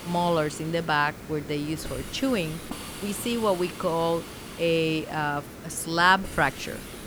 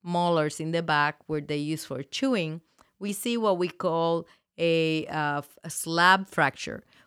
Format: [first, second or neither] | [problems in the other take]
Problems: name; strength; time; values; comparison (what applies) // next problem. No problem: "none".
second | hiss; noticeable; throughout; 15 dB below the speech